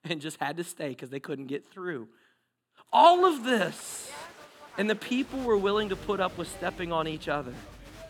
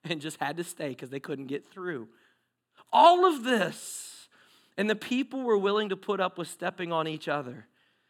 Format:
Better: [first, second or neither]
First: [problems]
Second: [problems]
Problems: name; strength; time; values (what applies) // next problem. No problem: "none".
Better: second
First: crowd noise; noticeable; from 3 s on; 20 dB below the speech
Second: none